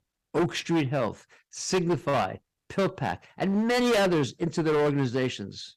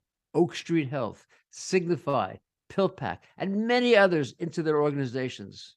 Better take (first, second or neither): second